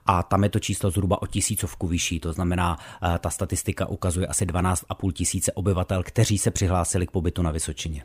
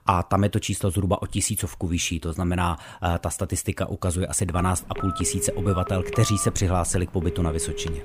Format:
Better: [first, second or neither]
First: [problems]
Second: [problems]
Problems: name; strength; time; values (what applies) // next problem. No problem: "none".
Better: first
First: none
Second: phone ringing; noticeable; from 4.5 s on; peak 7 dB below the speech